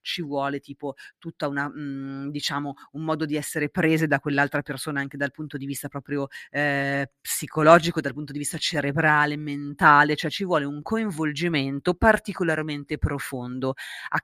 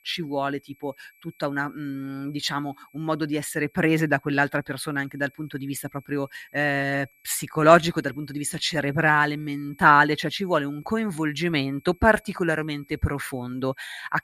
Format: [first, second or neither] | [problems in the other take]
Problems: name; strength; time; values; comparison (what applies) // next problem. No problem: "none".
first | high-pitched whine; faint; throughout; 2.5 kHz, 30 dB below the speech